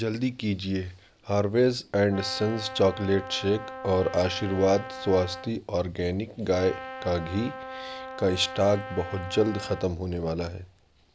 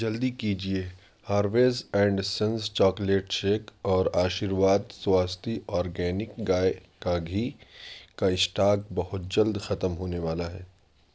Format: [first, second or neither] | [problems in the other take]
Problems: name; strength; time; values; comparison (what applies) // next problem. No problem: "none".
second | background sound (Brass instrument); 12 dB below the speech